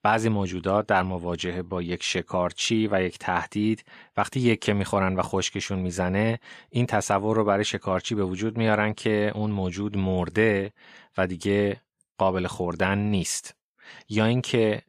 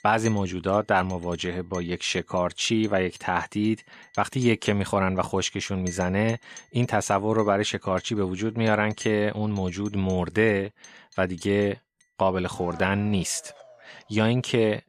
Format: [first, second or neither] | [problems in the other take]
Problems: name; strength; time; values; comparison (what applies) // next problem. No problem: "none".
first | household noises; faint; throughout; 20 dB below the speech